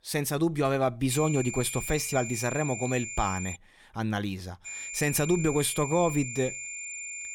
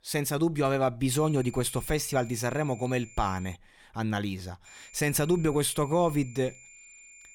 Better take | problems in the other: second | high-pitched whine; loud; from 1 to 3.5 s and from 4.5 s on; 2.5 kHz, 8 dB below the speech; faint in the second

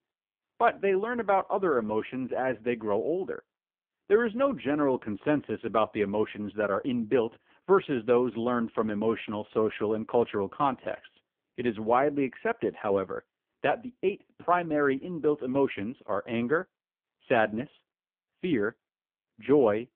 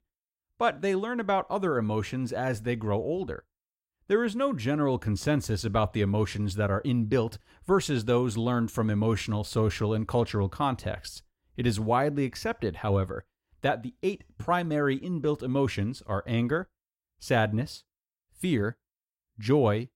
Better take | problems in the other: second | phone-call audio; poor line

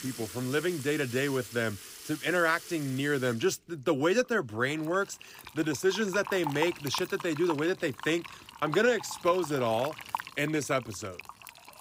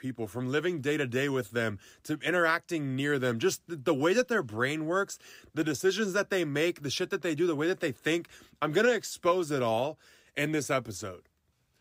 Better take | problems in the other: second | household noises; noticeable; throughout; 15 dB below the speech

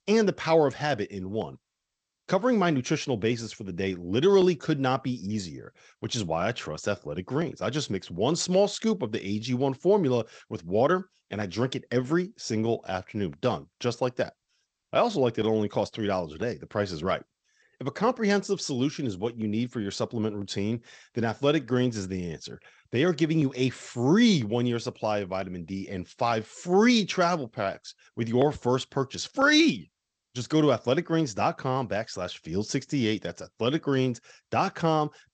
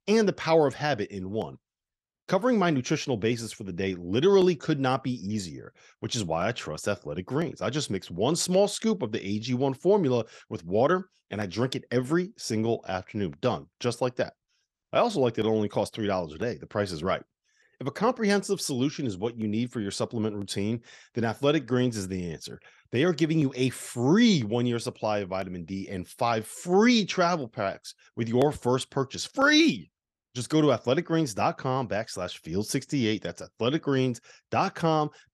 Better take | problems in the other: second | garbled, watery; slightly; nothing above 8 kHz

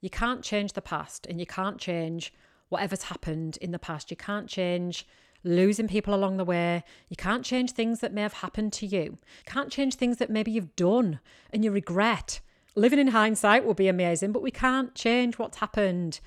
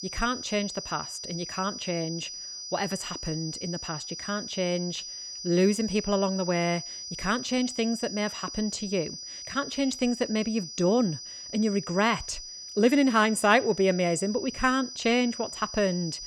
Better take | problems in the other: first | high-pitched whine; loud; throughout; 5 kHz, 9 dB below the speech

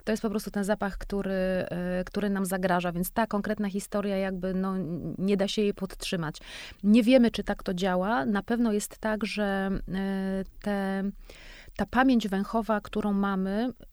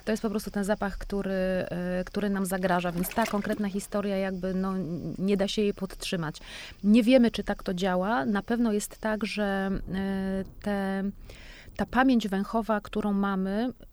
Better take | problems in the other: first | rain or running water; faint; throughout; 20 dB below the speech

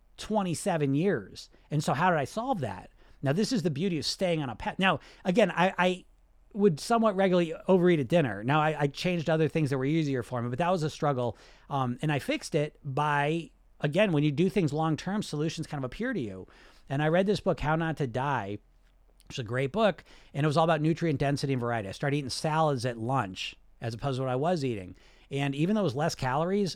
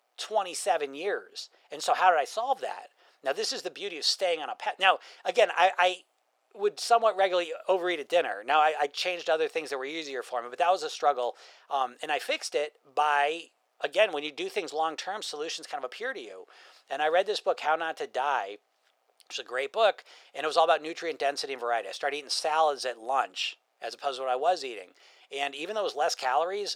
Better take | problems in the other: first | thin; very; fading below 450 Hz

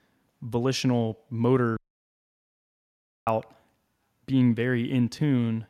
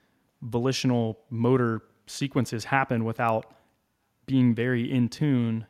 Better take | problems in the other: second | audio cutting out; at 2 s for 1.5 s

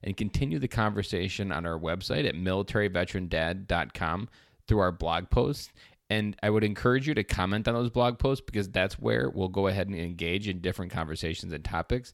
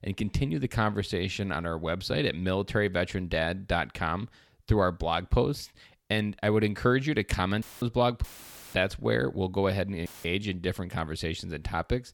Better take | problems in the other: first | audio cutting out; filled with static; at 7.5 s, at 8 s for 0.5 s and at 10 s

